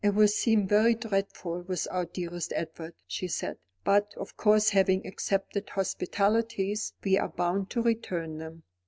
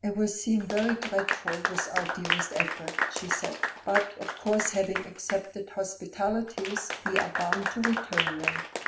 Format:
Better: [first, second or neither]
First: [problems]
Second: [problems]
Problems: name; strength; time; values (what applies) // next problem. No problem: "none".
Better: first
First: none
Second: background sound (Applause / Clapping); 2 dB below the speech // room echo; dies away in 0.6 s